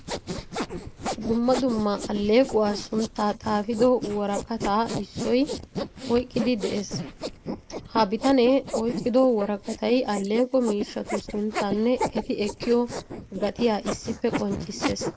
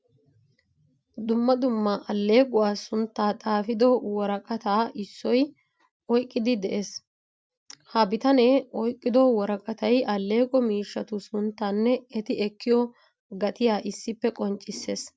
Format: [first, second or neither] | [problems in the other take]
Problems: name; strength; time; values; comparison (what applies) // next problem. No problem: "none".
second | noise reduction (neural mask model Resemble Enhance denoiser)